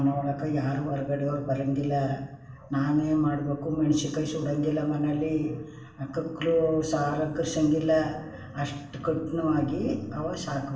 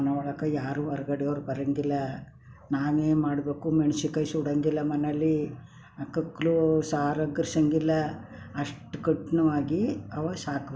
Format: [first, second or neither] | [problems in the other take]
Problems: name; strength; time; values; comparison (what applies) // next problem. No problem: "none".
second | room echo; dies away in 0.9 s